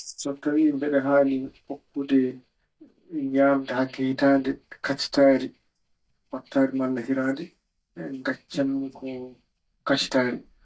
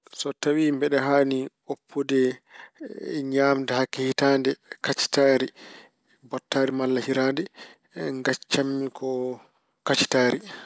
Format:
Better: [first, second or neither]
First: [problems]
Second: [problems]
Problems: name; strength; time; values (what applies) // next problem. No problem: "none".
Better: second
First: noise reduction (neural mask model DeepFilterNet 3)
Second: none